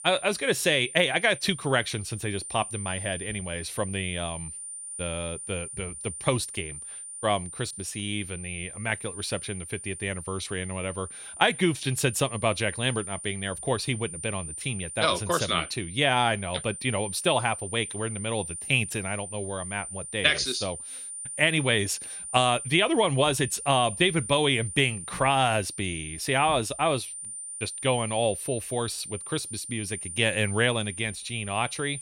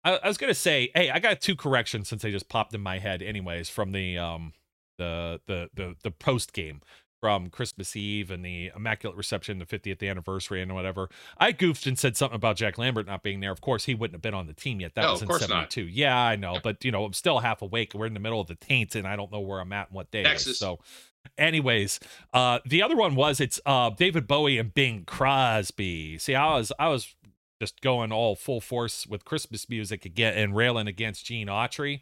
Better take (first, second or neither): second